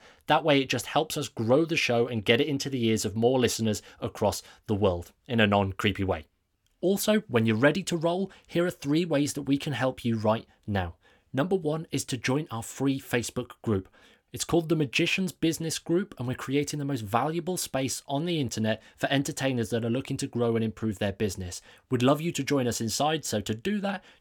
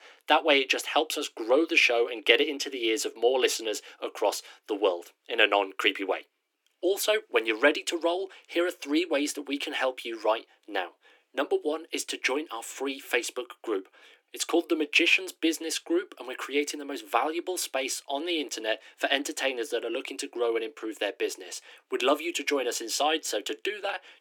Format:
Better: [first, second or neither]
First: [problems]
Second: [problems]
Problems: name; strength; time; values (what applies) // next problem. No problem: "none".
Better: first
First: none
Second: thin; somewhat; fading below 300 Hz